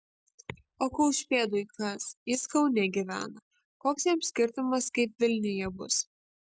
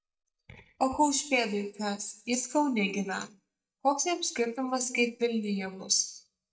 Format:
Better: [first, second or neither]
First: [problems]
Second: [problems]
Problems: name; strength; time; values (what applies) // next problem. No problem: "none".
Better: first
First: none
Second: noise reduction (neural mask model DeepFilterNet 3)